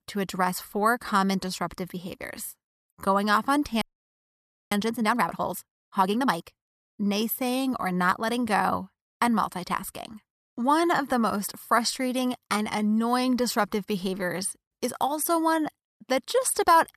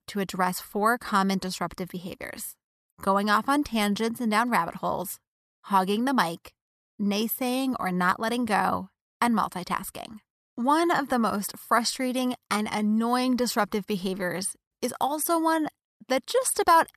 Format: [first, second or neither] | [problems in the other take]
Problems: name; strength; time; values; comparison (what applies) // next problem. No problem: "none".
second | audio freezing; at 4 s for 1 s